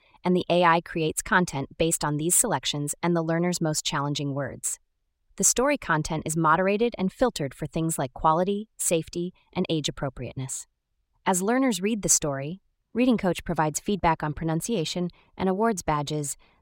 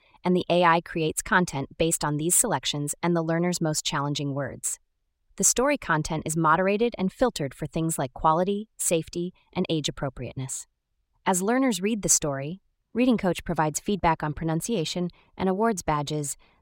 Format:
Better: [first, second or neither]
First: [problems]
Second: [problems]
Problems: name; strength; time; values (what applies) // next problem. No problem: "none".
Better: neither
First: none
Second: none